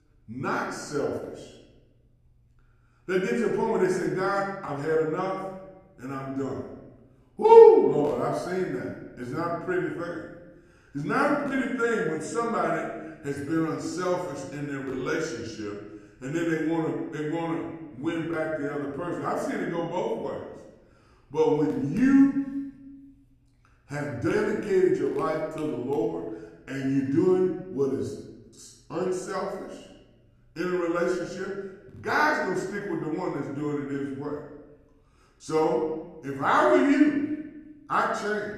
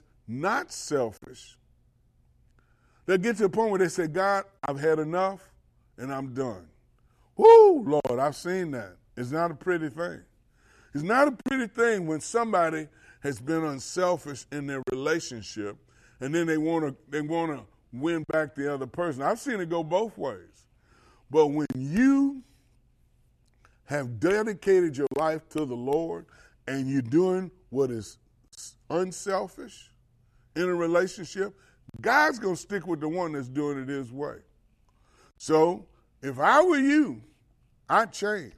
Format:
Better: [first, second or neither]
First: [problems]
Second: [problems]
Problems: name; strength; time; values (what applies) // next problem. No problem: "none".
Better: second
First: off-mic speech; far // room echo; noticeable; dies away in 1 s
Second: none